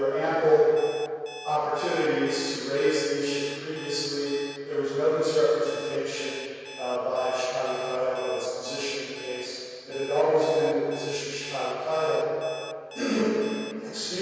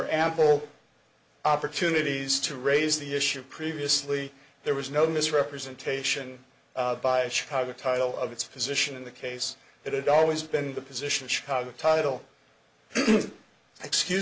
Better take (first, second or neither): second